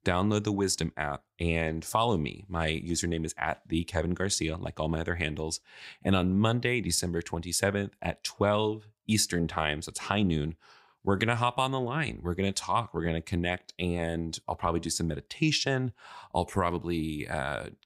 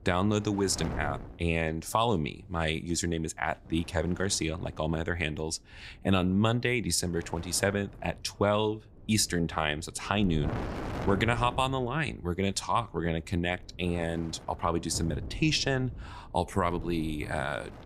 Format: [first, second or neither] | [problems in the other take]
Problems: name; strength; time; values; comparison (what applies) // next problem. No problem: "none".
first | wind noise on the microphone; occasional gusts; 15 dB below the speech